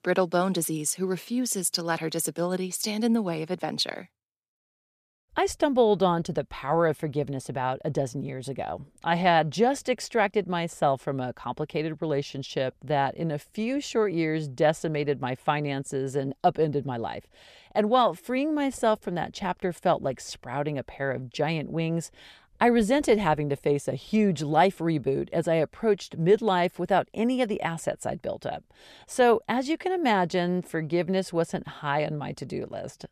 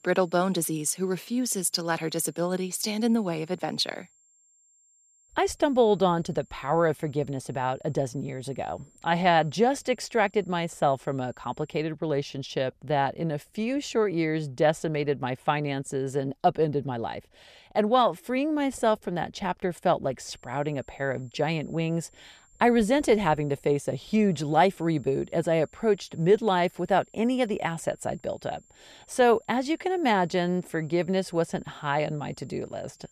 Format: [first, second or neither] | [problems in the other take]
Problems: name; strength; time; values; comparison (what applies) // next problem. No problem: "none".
first | high-pitched whine; faint; until 12 s and from 20 s on; 7.5 kHz, 30 dB below the speech